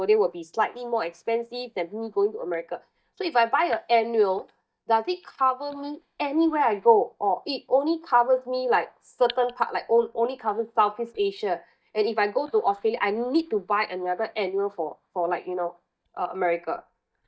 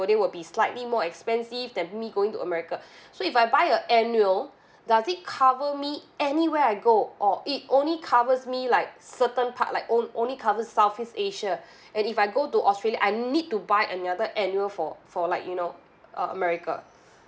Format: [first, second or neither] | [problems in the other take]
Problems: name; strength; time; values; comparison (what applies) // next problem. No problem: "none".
second | noise reduction (neural mask model DeepFilterNet 3)